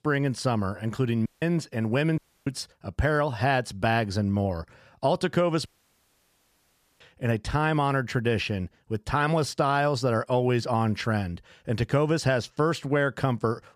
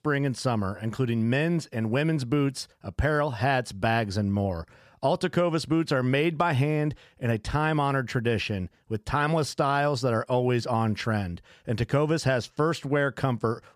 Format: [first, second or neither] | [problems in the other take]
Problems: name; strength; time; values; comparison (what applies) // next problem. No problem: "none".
second | audio cutting out; at 1.5 s, at 2 s and at 5.5 s for 1.5 s